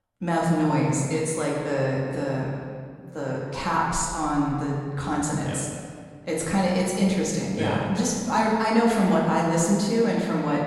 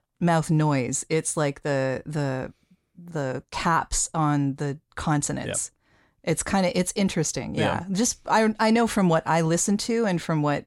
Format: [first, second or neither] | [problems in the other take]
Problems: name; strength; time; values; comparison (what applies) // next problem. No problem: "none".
second | room echo; noticeable; dies away in 1.7 s // off-mic speech; far